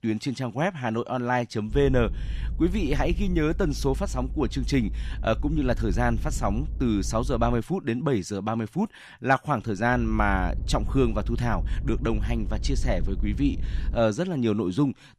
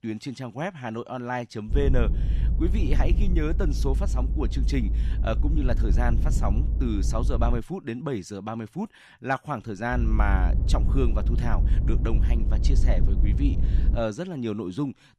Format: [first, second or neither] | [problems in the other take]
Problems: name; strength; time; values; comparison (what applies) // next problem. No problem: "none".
first | low rumble; loud; from 1.5 to 7.5 s and from 10 to 14 s; 10 dB below the speech; faint in the first